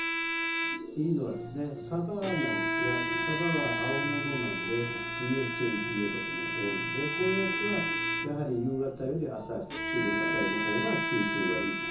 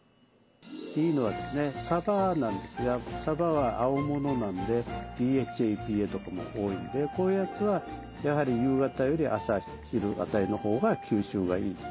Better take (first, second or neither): second